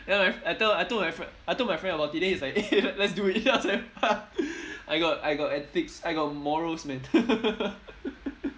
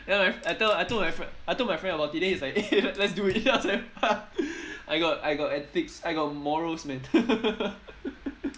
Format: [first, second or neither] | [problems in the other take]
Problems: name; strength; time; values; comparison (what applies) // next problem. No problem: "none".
first | background sound (Fire); 16 dB below the speech